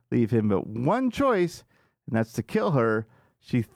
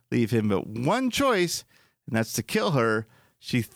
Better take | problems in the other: second | muffled; slightly; fading above 2 kHz

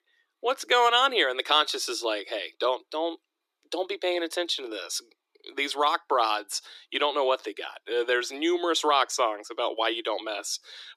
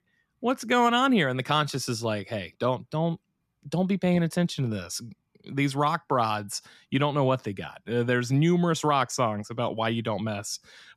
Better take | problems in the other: second | thin; very; fading below 300 Hz

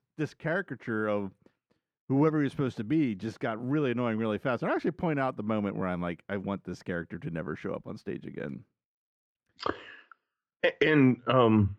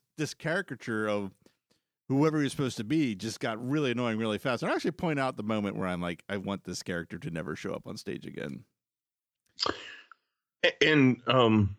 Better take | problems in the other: second | muffled; slightly; fading above 3.5 kHz

